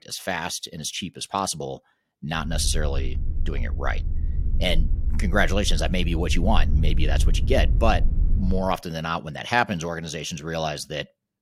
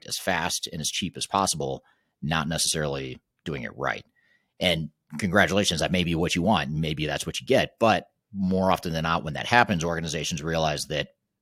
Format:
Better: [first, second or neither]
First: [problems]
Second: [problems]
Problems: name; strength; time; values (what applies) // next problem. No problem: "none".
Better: second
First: low rumble; noticeable; from 2.5 to 8.5 s; 20 dB below the speech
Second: none